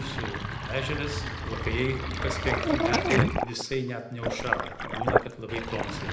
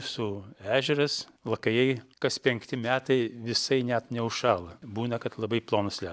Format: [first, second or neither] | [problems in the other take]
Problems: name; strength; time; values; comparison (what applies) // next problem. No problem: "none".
second | background sound (Sink (filling or washing)); 4 dB above the speech // room echo; dies away in 0.8 s